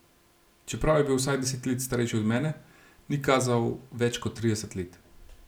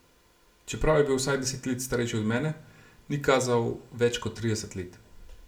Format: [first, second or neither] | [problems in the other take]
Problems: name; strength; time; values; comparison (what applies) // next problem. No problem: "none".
first | room echo; dies away in 0.3 s